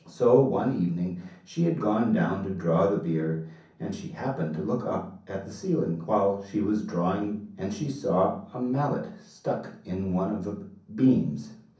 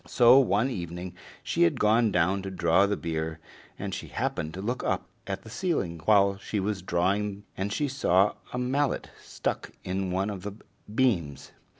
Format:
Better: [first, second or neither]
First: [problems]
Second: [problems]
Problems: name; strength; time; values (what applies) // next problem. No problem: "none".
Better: second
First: room echo; dies away in 0.6 s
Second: none